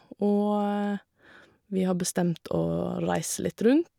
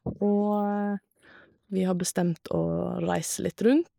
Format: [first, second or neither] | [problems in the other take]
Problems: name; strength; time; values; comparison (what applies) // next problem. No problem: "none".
first | noise reduction (neural mask model Resemble Enhance denoiser)